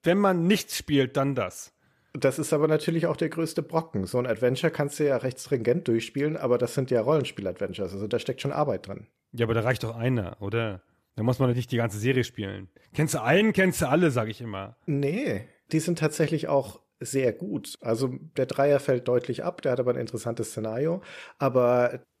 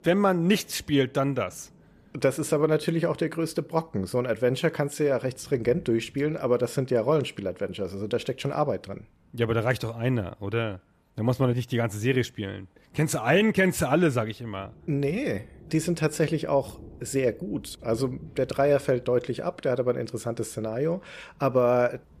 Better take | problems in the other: first | rain or running water; faint; throughout; 25 dB below the speech

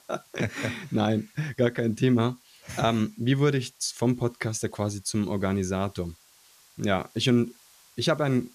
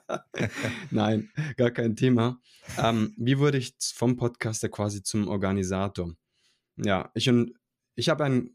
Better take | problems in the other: second | hiss; faint; throughout; 30 dB below the speech

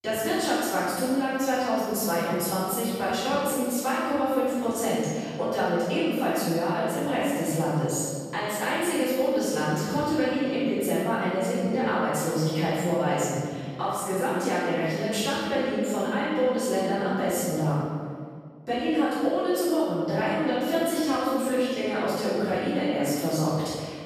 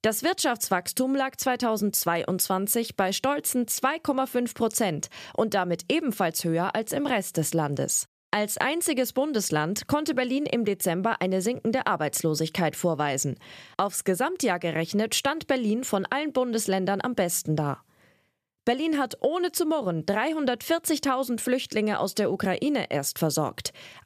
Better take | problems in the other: second | room echo; strong; dies away in 1.7 s // off-mic speech; far

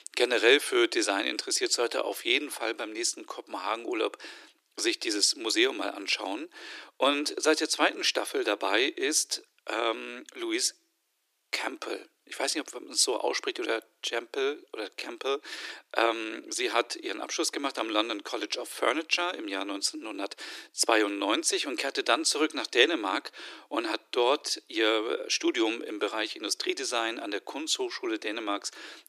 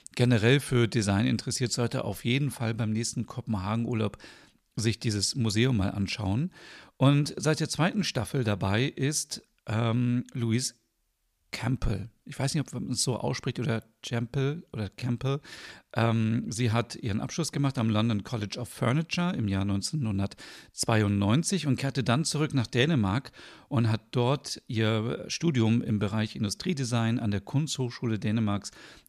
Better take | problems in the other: second | thin; very; fading below 300 Hz

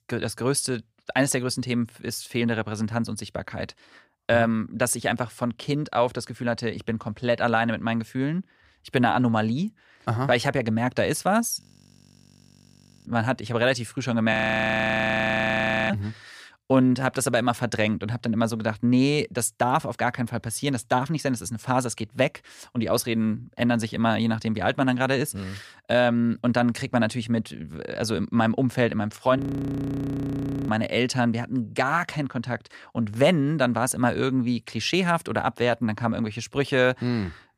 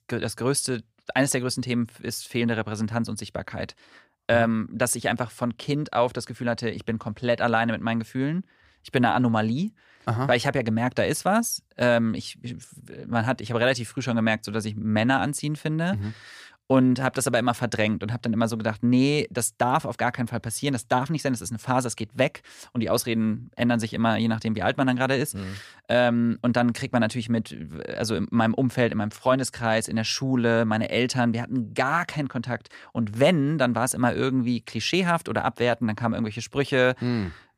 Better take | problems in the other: second | audio freezing; at 12 s for 1.5 s, at 14 s for 1.5 s and at 29 s for 1.5 s

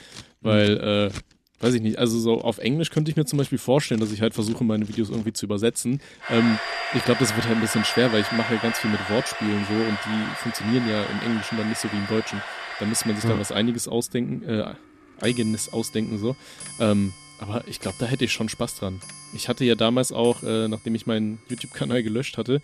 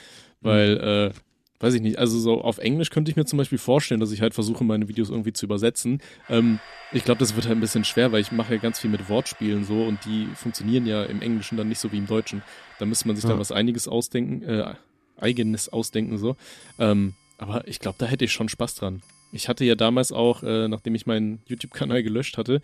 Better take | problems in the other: second | household noises; loud; throughout; 7 dB below the speech; faint in the second

